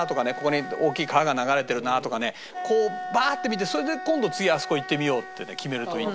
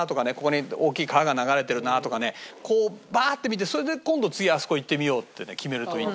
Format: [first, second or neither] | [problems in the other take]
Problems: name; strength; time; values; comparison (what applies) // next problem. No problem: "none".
second | background sound (Wind instrument, woodwind instrument); 10 dB below the speech